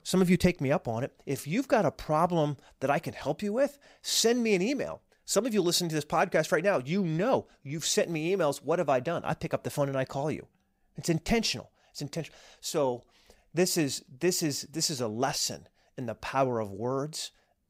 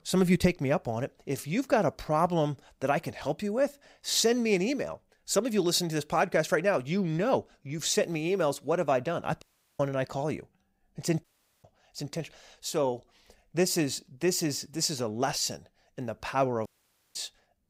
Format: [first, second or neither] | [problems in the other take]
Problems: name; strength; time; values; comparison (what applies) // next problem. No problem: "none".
first | audio cutting out; at 9.5 s, at 11 s and at 17 s